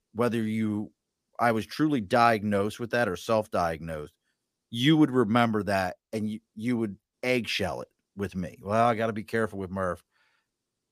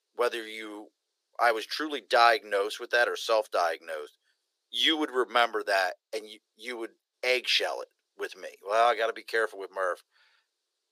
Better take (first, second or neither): first